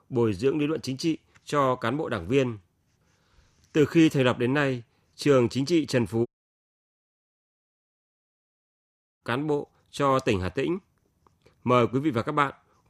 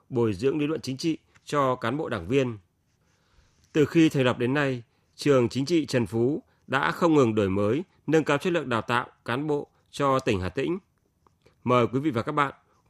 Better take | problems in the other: second | audio cutting out; at 6.5 s for 3 s

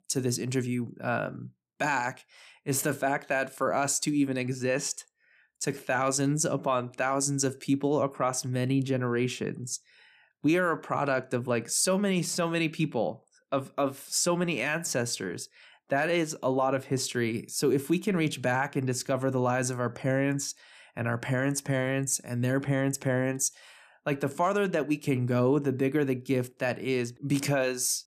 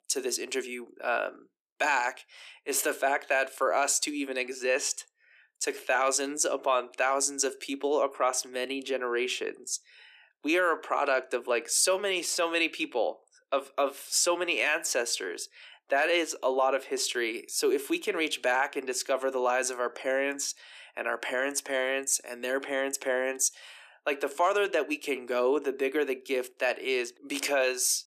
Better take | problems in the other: first | thin; somewhat; fading below 350 Hz

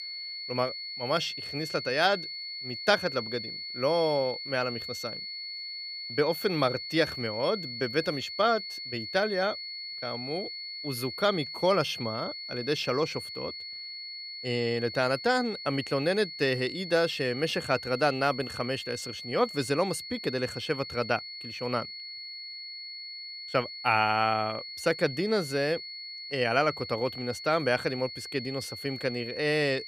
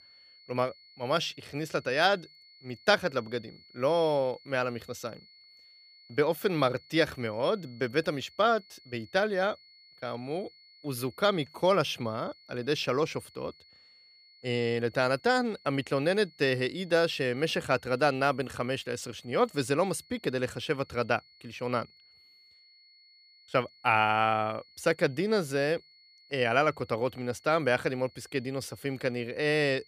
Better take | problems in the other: second | high-pitched whine; loud; throughout; 4.5 kHz, 8 dB below the speech; faint in the second

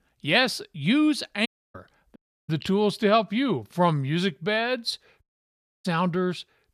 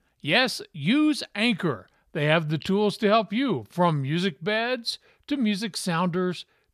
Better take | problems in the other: second | audio cutting out; at 1.5 s, at 2 s and at 5 s for 0.5 s

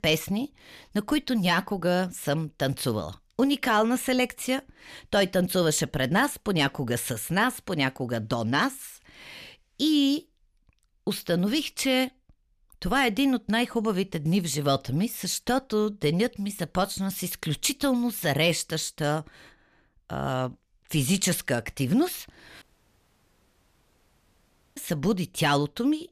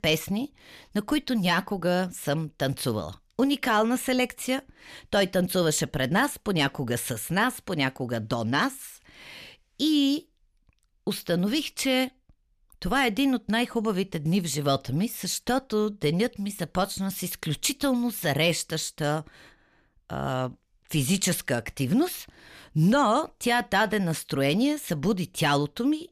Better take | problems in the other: second | audio cutting out; at 23 s for 2 s

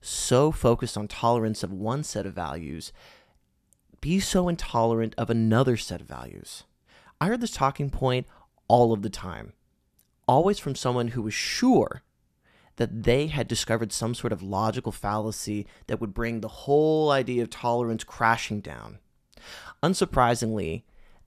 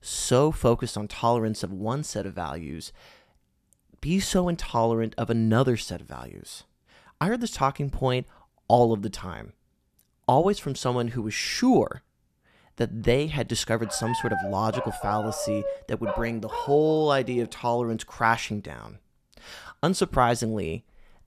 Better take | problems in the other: first | dog barking; noticeable; from 14 to 17 s; peak 4 dB below the speech

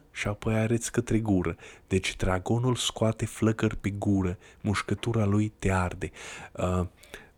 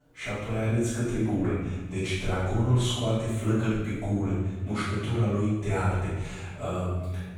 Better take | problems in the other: first | off-mic speech; far // room echo; strong; dies away in 1.2 s

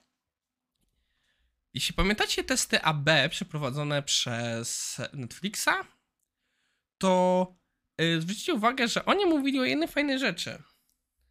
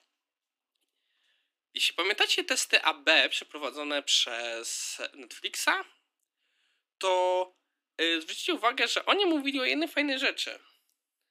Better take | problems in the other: first | thin; very slightly; fading below 300 Hz

